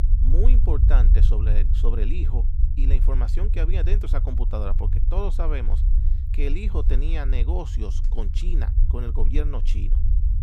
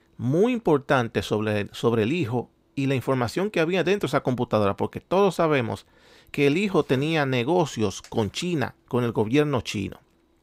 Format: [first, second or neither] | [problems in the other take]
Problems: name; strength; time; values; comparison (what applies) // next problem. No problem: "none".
second | low rumble; loud; throughout; 7 dB below the speech